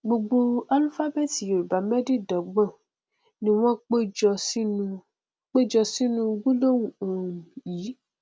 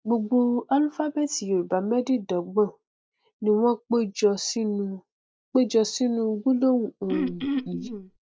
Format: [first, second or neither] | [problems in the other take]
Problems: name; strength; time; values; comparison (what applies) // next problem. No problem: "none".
first | noise reduction (neural mask model DeepFilterNet 3)